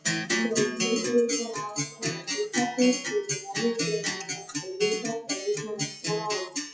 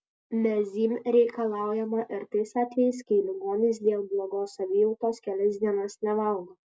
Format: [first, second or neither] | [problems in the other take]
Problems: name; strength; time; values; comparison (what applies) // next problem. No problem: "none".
second | noise reduction (classical method WPE with log-MMSE)